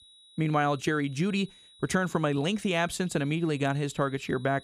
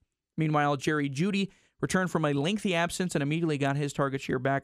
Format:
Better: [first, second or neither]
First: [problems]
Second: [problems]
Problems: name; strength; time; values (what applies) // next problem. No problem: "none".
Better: second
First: high-pitched whine; faint; throughout; 4 kHz, 25 dB below the speech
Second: none